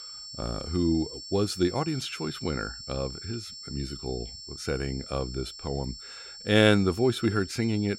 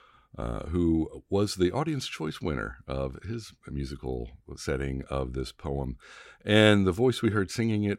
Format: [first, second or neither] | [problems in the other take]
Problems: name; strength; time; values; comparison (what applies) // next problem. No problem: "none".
second | high-pitched whine; noticeable; throughout; 5.5 kHz, 10 dB below the speech